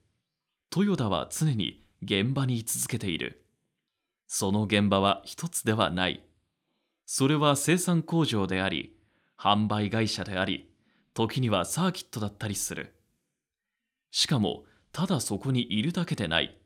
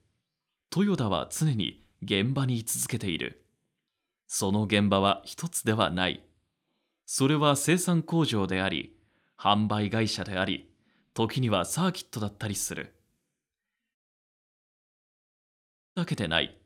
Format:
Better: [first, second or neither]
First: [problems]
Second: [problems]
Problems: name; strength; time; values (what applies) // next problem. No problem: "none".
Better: first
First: none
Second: audio cutting out; at 14 s for 2 s